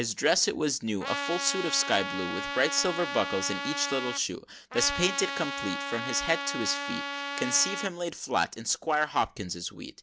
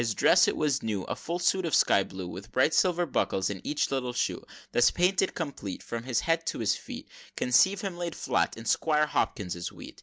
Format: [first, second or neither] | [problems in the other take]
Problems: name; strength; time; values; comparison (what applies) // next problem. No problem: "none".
second | background sound (Trumpet); 5 dB below the speech